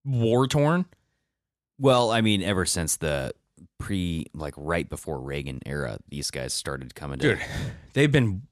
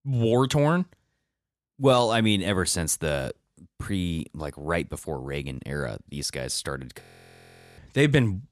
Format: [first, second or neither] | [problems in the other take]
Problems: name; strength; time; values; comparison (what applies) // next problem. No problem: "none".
first | audio freezing; at 7 s for 1 s